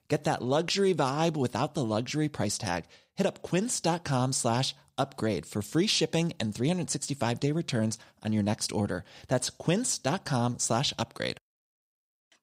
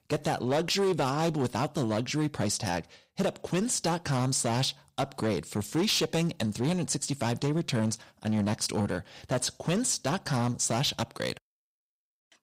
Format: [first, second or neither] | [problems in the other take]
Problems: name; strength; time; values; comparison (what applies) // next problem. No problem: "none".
first | distortion; slight; 9% of the sound clipped